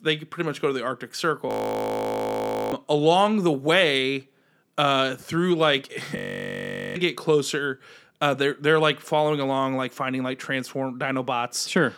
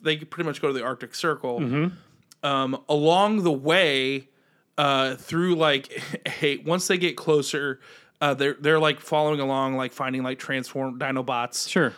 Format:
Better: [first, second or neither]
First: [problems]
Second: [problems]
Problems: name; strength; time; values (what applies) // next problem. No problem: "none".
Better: second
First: audio freezing; at 1.5 s for 1 s and at 6 s for 1 s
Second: none